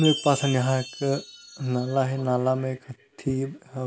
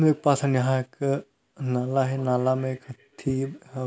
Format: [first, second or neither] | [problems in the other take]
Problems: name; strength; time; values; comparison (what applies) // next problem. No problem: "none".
second | background sound (Chime); 13 dB below the speech